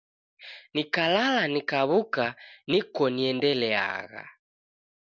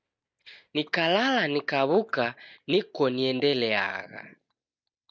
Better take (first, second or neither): first